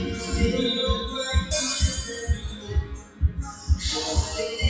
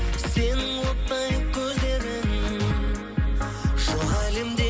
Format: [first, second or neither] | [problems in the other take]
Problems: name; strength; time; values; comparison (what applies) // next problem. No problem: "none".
second | noise reduction (classical method WPE with log-MMSE)